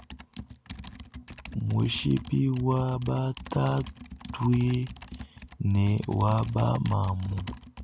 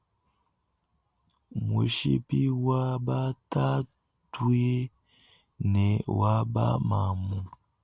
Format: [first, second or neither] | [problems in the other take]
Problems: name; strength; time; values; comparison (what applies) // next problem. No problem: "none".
second | background sound (Computer keyboard); 14 dB below the speech